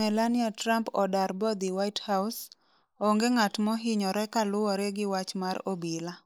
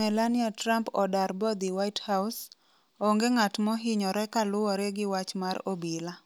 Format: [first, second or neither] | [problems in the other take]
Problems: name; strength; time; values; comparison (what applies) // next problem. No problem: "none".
second | noise reduction (neural mask model Resemble Enhance denoiser)